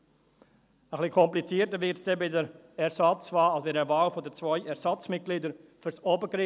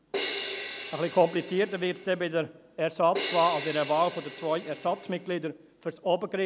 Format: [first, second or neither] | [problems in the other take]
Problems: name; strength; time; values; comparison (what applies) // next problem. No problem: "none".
first | background sound (Crash cymbal); 9 dB below the speech